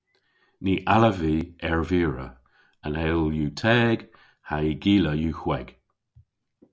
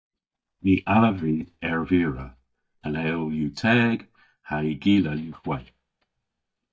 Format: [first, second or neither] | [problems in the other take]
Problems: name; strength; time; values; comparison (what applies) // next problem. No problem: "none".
first | noise reduction (neural mask model DeepFilterNet 3)